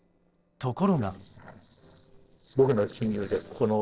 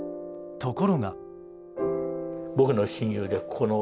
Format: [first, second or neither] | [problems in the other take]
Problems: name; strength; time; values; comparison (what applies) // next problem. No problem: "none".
second | noise reduction (neural separator model SepFormer DNS4)